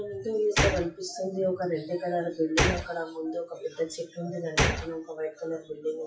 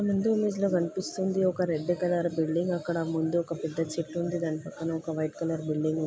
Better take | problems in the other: second | noise reduction (classical method WPE with log-MMSE)

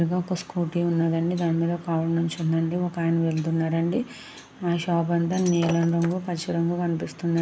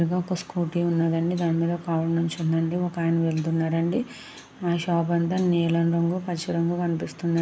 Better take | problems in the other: second | background sound (Shatter); 16 dB below the speech

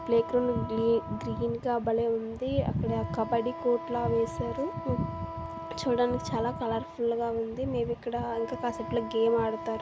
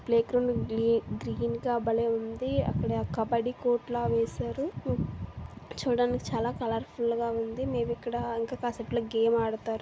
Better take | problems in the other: second | background sound (Wind instrument, woodwind instrument); 12 dB below the speech

